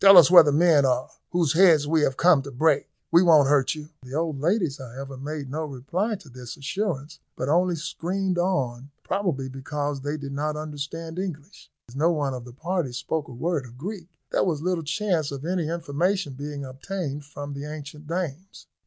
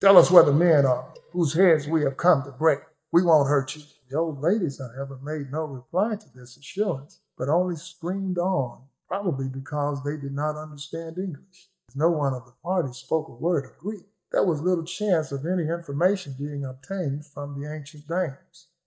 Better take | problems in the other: first | noise reduction (neural mask model DeepFilterNet 3)

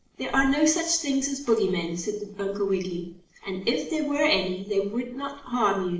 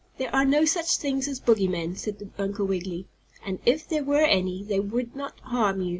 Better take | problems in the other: second | noise reduction (neural separator model SepFormer DNS4)

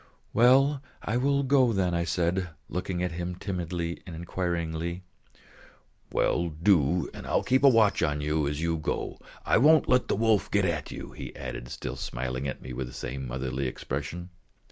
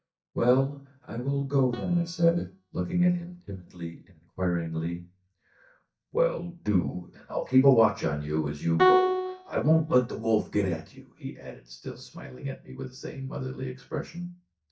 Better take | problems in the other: first | noise reduction (neural mask model DeepFilterNet 3)

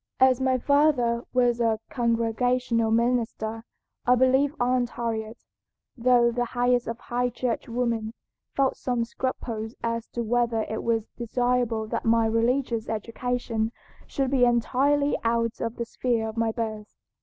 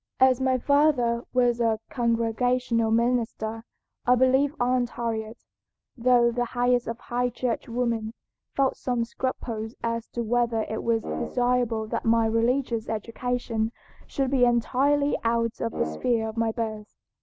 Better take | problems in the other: first | background sound (Brass instrument); 11 dB below the speech

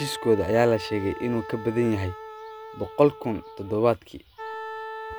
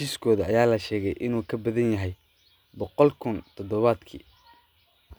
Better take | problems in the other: second | background sound (Wind instrument, woodwind instrument); 12 dB below the speech

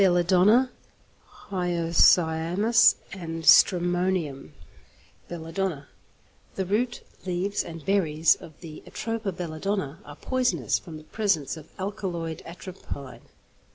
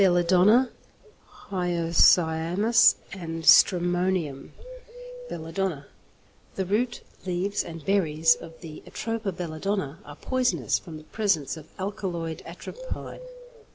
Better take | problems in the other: first | background sound (Bird); 18 dB below the speech

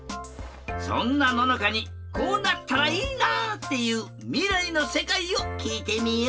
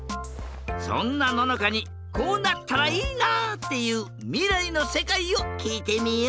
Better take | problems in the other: second | room echo; dies away in 0.1 s

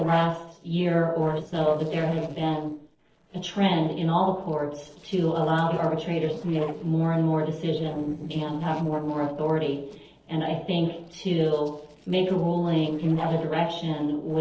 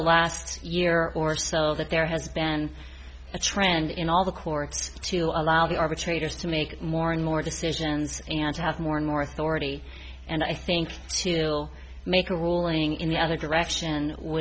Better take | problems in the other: second | noise reduction (neural separator model SepFormer DNS4)

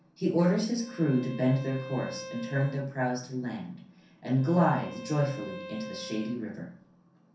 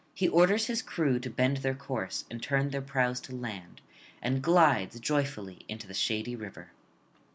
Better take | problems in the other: second | background sound (Bowed string instrument); 16 dB below the speech // room echo; dies away in 0.6 s

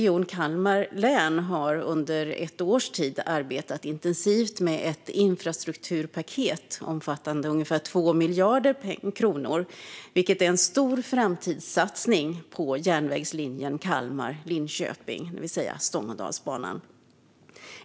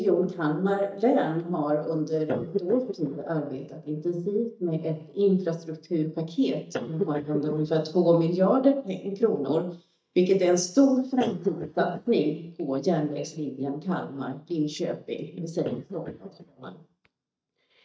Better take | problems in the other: first | noise reduction (neural mask model DeepFilterNet 3)

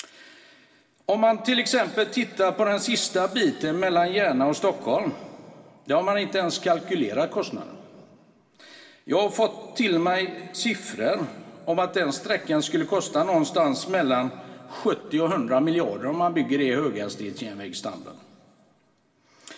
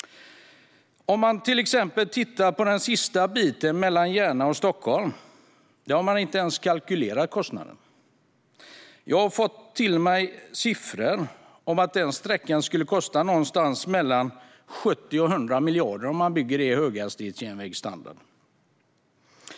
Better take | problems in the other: second | room echo; dies away in 2 s

